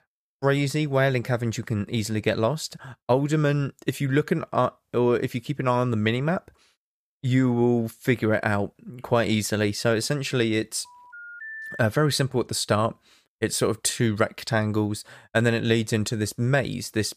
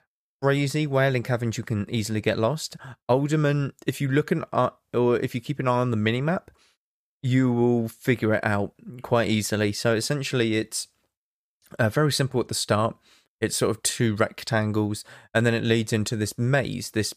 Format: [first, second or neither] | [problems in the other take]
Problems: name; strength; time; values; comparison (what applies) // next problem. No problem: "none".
second | phone ringing; faint; at 11 s; peak 10 dB below the speech